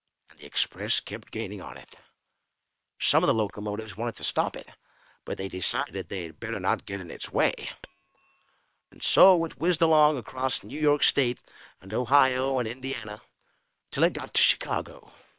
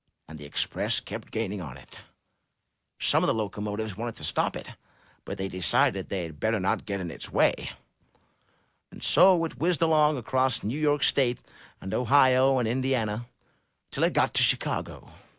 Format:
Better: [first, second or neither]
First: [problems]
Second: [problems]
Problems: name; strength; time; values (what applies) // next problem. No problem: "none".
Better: second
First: noise reduction (neural separator model SepFormer WHAM!)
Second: none